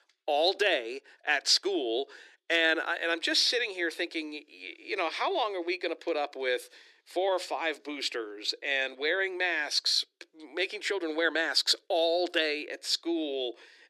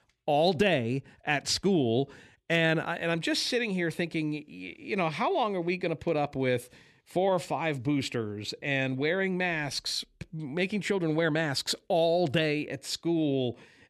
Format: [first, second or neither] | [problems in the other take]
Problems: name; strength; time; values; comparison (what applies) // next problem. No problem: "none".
second | thin; very; fading below 350 Hz